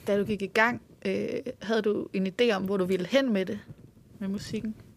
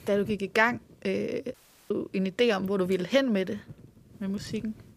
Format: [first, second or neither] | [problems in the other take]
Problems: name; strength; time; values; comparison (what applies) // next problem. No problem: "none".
first | audio cutting out; at 1.5 s